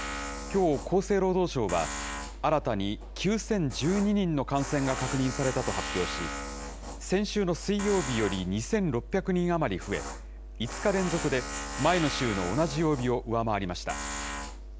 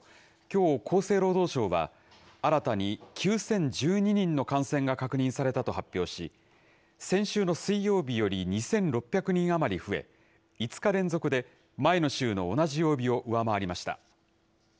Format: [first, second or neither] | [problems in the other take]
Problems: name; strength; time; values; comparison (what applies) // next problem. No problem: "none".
second | background sound (Tools); 8 dB below the speech